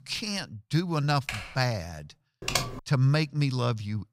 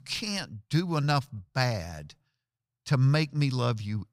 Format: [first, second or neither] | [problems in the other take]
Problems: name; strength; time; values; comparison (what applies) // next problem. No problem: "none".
second | keyboard typing; noticeable; at 1.5 s and at 2.5 s; peak 1 dB below the speech